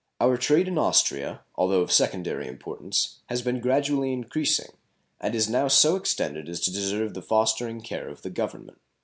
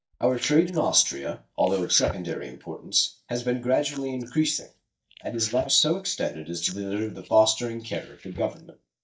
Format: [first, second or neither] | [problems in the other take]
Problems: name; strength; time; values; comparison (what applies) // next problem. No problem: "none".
first | noise reduction (neural mask model DeepFilterNet 3)